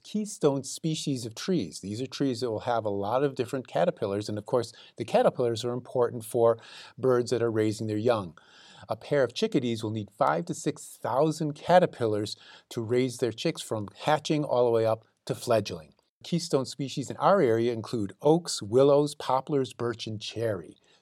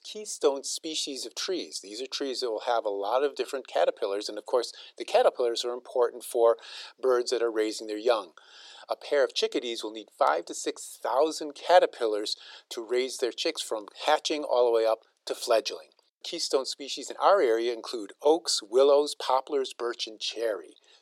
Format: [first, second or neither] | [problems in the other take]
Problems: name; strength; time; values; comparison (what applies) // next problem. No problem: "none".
first | thin; very; fading below 350 Hz